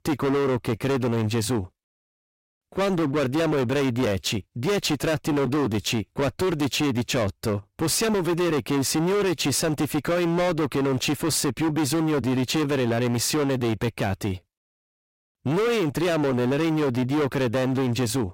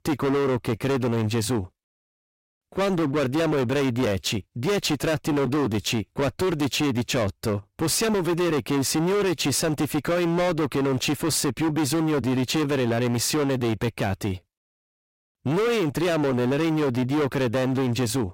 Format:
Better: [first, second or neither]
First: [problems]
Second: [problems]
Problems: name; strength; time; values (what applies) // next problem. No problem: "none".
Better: neither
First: distortion; heavy; 28% of the sound clipped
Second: distortion; heavy; 28% of the sound clipped